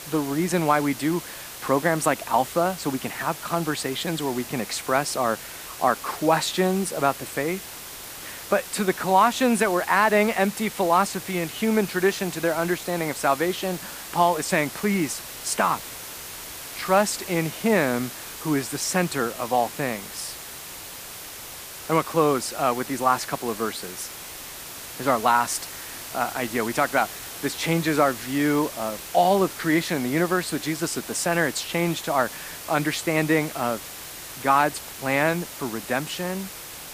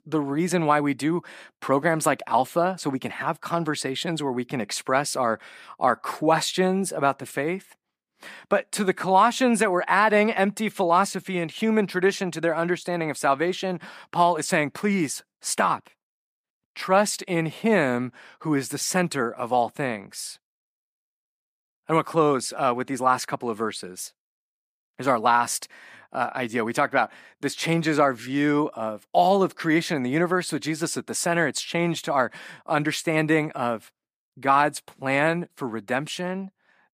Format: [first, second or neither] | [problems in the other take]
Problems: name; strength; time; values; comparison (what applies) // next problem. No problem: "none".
second | hiss; noticeable; throughout; 10 dB below the speech